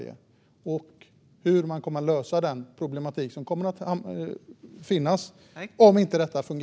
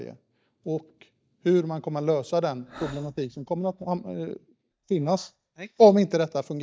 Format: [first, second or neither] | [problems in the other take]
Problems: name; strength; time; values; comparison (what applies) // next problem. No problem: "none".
first | noise reduction (neural mask model DeepFilterNet 3)